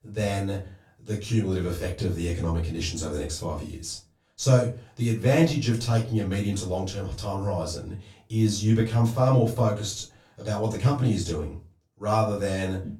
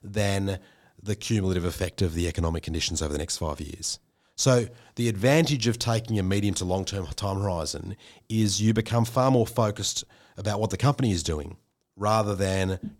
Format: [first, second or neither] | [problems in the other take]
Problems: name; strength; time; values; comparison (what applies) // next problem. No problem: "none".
second | off-mic speech; far // room echo; slight; dies away in 0.3 s